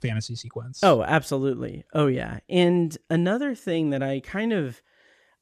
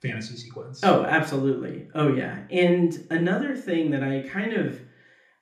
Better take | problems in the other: first | room echo; slight; dies away in 0.4 s // off-mic speech; somewhat distant

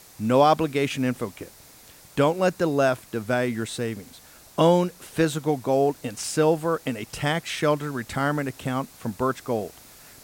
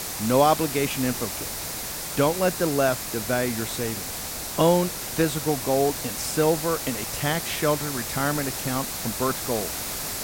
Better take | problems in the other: first | hiss; loud; throughout; 4 dB below the speech; faint in the first

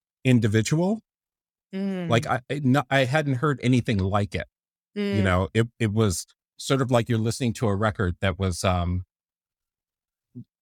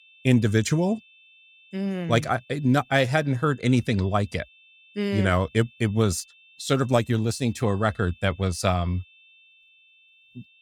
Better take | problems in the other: first | high-pitched whine; faint; throughout; 2.5 kHz, 30 dB below the speech

